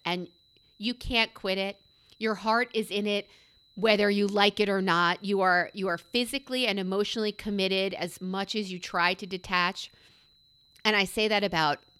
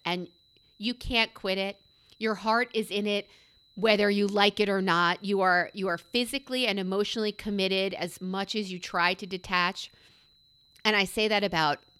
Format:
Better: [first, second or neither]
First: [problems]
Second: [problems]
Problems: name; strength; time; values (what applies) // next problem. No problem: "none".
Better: neither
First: high-pitched whine; faint; throughout; 4 kHz, 30 dB below the speech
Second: high-pitched whine; faint; throughout; 4 kHz, 30 dB below the speech